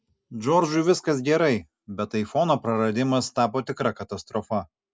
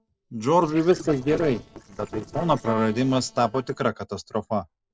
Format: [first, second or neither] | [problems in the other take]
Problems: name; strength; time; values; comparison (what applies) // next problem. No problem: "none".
first | noise reduction (neural separator model SepFormer DNS4)